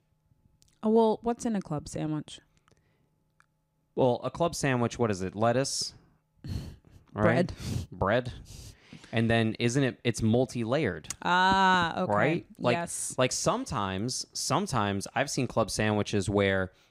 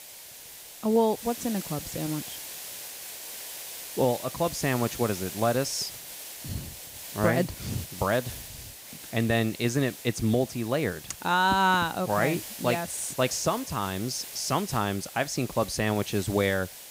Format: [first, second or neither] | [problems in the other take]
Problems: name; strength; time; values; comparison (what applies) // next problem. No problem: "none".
first | hiss; noticeable; throughout; 10 dB below the speech